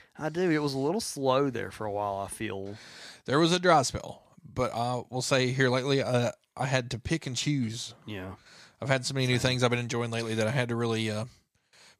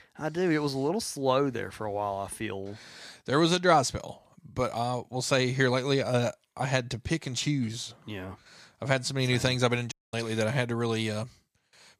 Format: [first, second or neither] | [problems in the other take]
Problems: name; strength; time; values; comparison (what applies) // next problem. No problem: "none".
first | audio cutting out; at 10 s